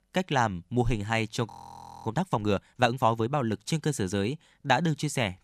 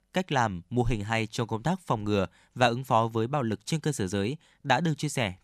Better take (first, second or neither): second